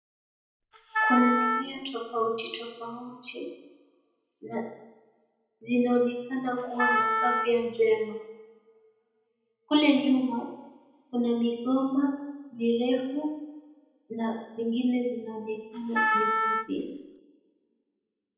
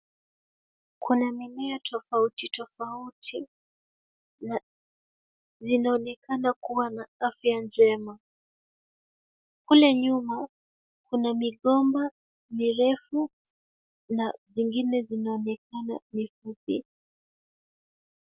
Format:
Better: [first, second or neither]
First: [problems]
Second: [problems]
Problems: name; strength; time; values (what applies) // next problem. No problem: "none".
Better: second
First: background sound (Wind instrument, woodwind instrument); 1 dB above the speech // room echo; dies away in 0.9 s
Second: none